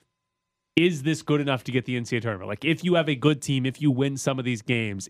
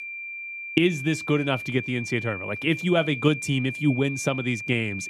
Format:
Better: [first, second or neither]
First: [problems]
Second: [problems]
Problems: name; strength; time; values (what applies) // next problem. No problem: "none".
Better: first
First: none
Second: high-pitched whine; loud; throughout; 2.5 kHz, 8 dB below the speech